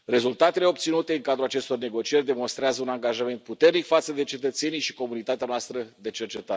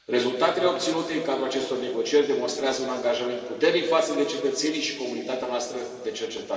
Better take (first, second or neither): first